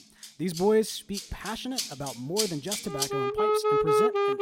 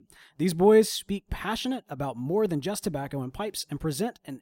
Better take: second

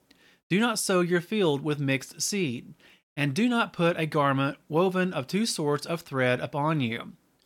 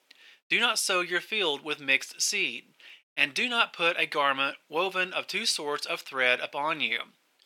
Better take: first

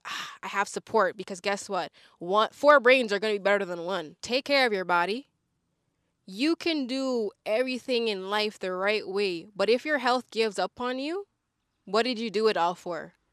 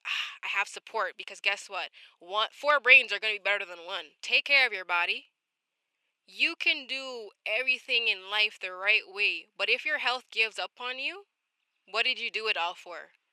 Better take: first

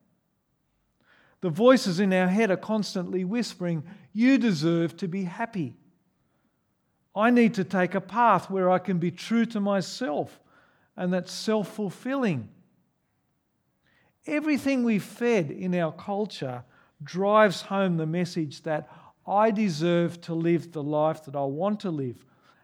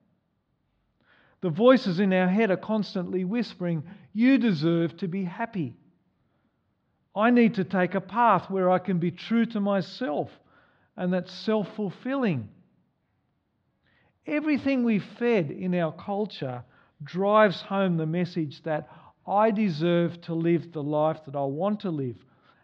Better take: first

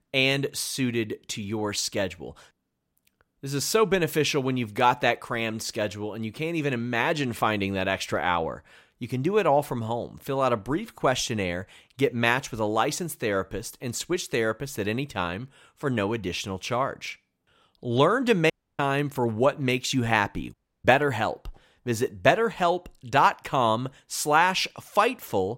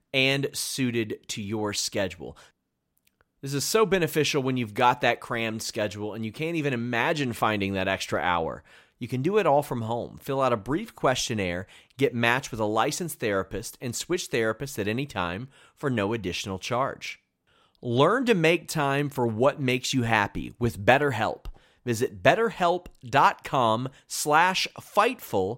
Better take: second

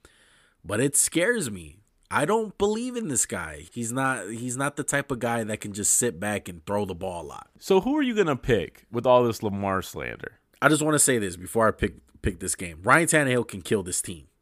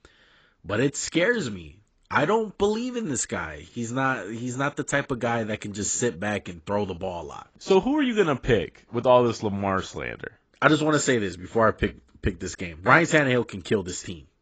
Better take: first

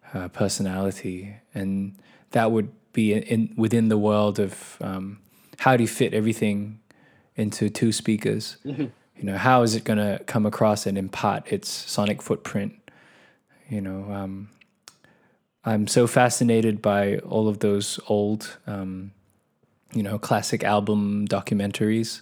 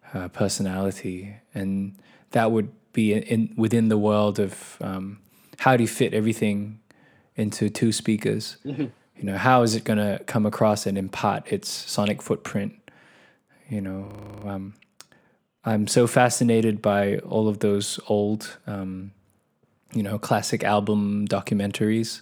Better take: first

